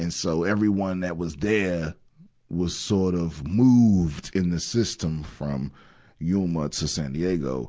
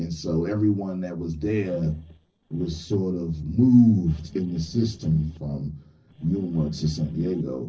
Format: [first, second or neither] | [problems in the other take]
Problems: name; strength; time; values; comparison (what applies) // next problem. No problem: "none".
first | noise reduction (neural separator model SepFormer DNS4)